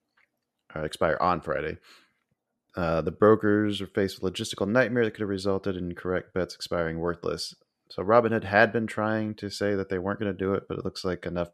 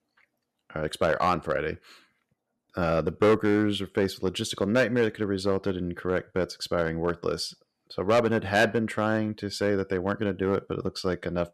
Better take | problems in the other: first | distortion; slight; 2% of the sound clipped

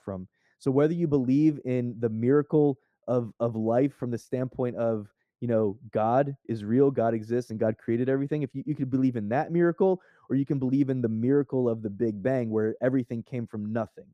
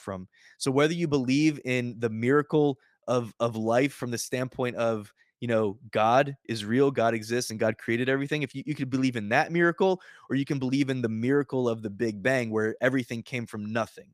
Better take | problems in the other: second | muffled; very; fading above 1 kHz

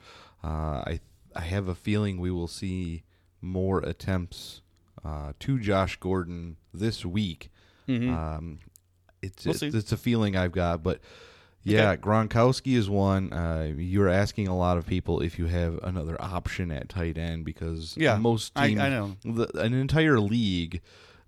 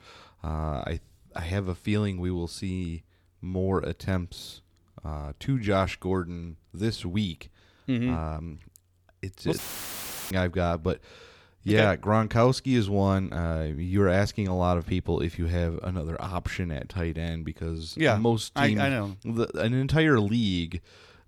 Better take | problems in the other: first | audio cutting out; filled with static; at 9.5 s for 0.5 s

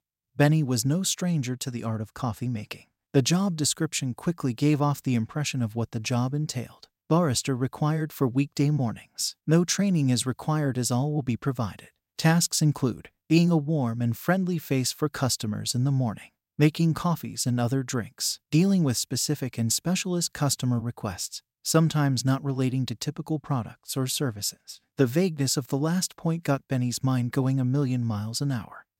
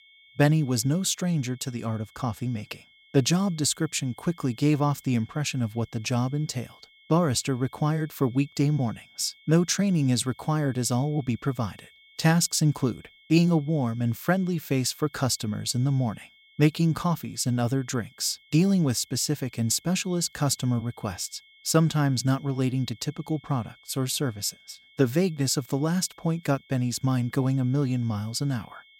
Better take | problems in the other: first | high-pitched whine; faint; throughout; 2 kHz, 30 dB below the speech

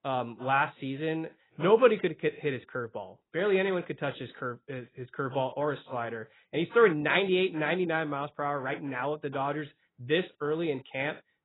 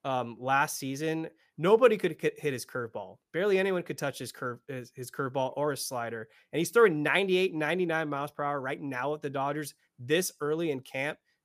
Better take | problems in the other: second | garbled, watery; badly; nothing above 4 kHz

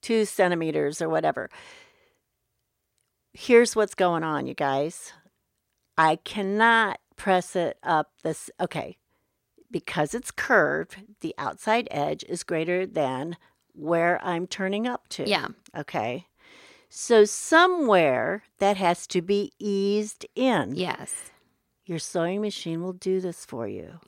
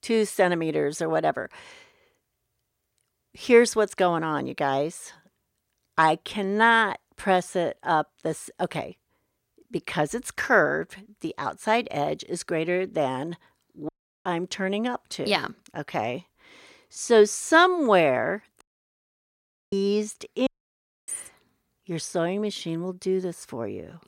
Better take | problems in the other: first | audio cutting out; at 14 s, at 19 s for 1 s and at 20 s for 0.5 s

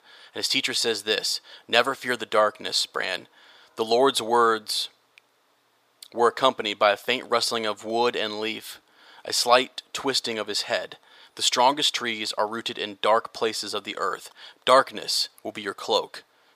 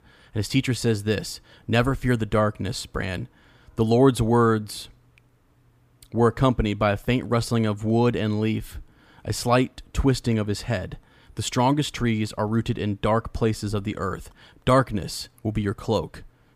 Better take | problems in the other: second | thin; very; fading below 650 Hz

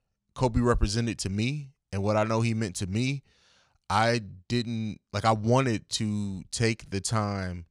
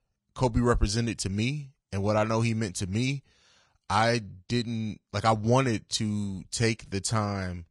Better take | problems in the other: first | garbled, watery; slightly; nothing above 10 kHz

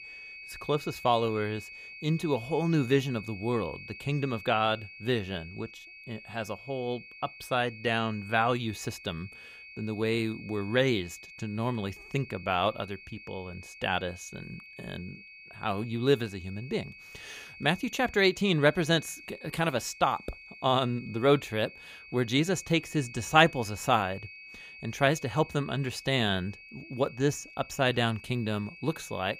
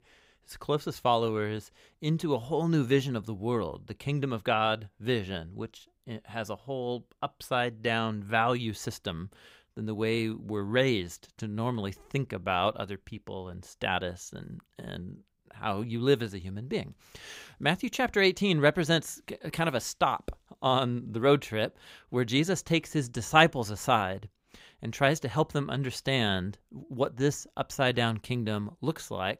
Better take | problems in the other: second | high-pitched whine; noticeable; throughout; 2.5 kHz, 15 dB below the speech

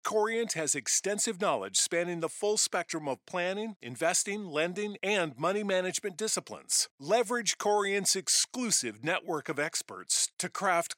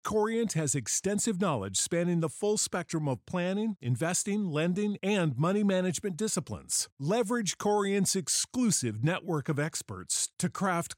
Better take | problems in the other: second | thin; somewhat; fading below 350 Hz

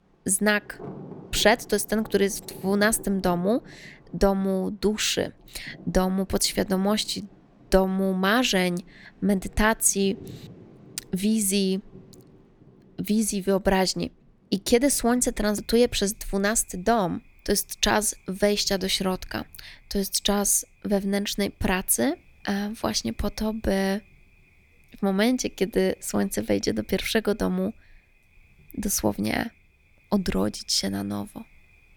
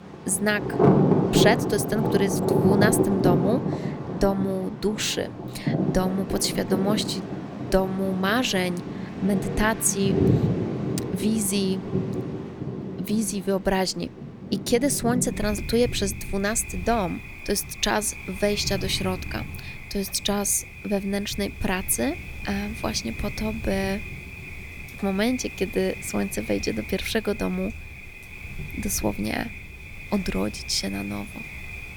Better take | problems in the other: first | rain or running water; loud; throughout; 3 dB below the speech; faint in the first

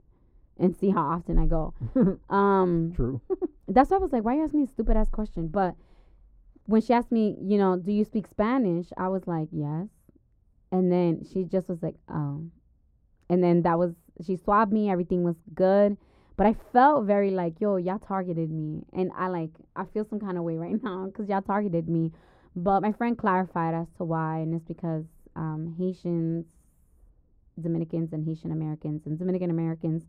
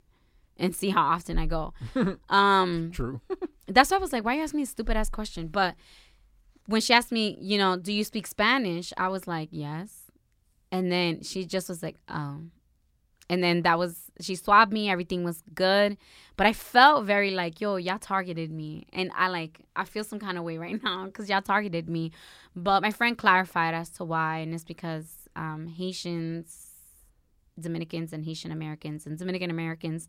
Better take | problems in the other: second | muffled; very; fading above 1.5 kHz

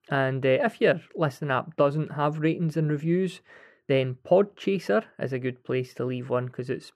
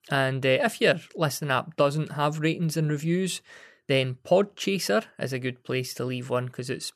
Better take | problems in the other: second | muffled; slightly; fading above 3.5 kHz

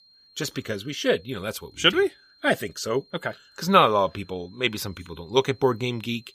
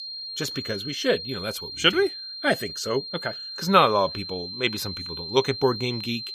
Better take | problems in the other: first | high-pitched whine; loud; throughout; 4 kHz, 8 dB below the speech; faint in the first

